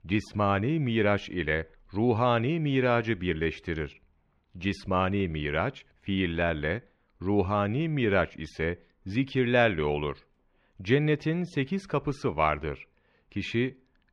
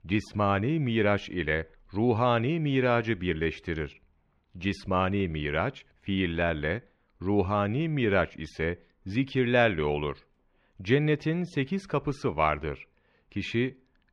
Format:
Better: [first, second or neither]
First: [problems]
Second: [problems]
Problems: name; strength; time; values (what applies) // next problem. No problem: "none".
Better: neither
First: muffled; slightly; fading above 2.5 kHz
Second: muffled; slightly; fading above 2.5 kHz